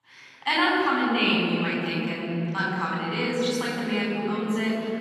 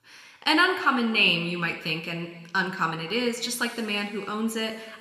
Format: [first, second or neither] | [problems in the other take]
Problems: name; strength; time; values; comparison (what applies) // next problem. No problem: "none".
second | room echo; strong; dies away in 3 s; slight in the second // off-mic speech; far